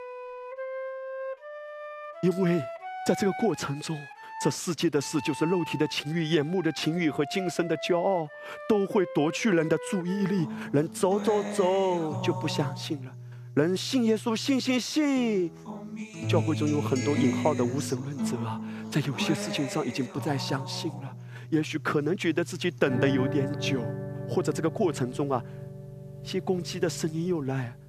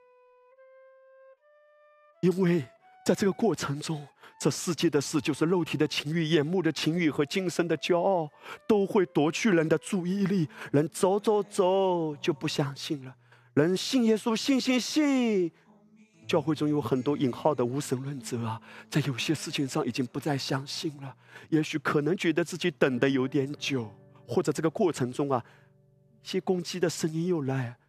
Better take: second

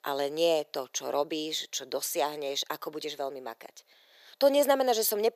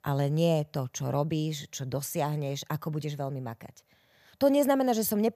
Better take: second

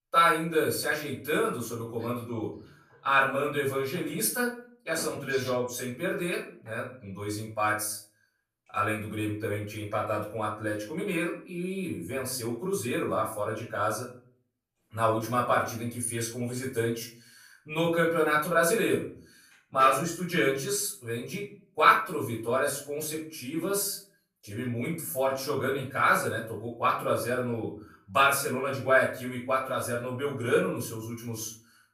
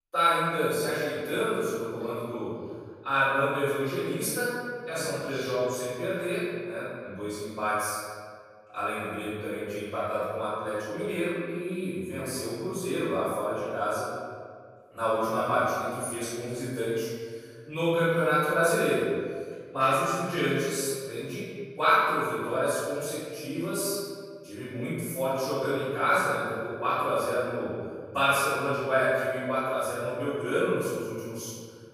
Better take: first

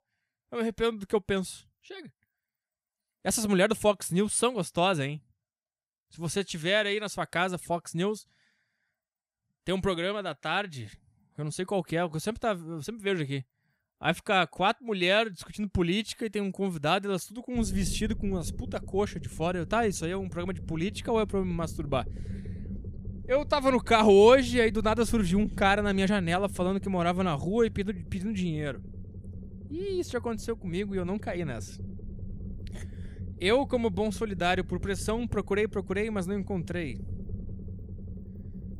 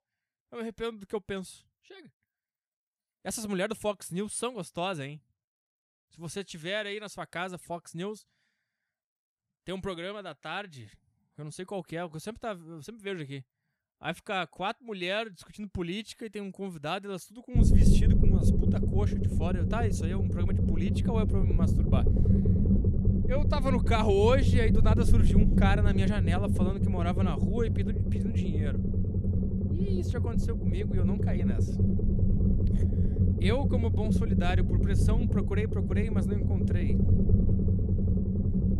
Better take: first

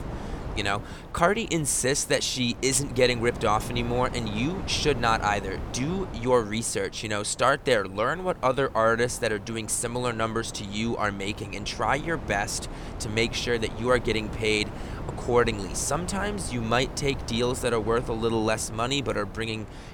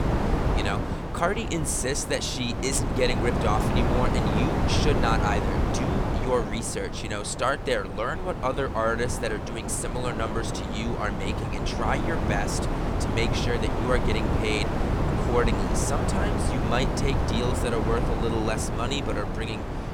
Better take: first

